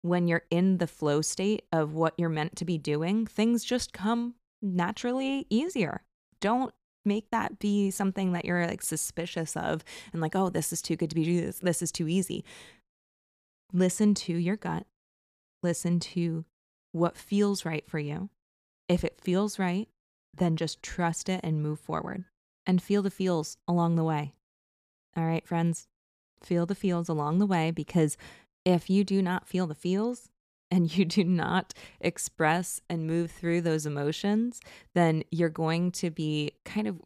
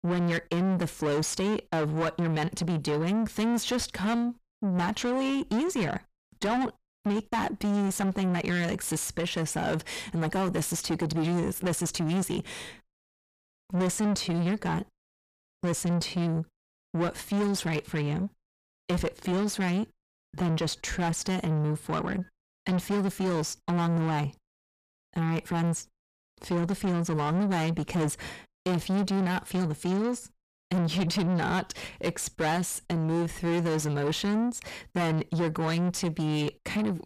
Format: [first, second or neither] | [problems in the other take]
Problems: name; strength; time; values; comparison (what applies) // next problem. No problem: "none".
first | distortion; heavy; 7 dB below the speech